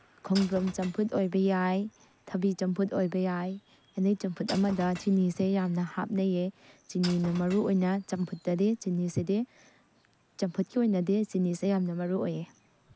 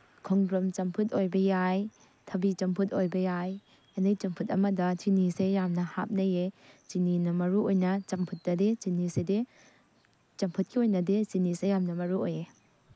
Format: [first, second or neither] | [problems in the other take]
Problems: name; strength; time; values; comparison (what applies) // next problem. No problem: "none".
second | background sound (Shatter / Crushing); 18 dB below the speech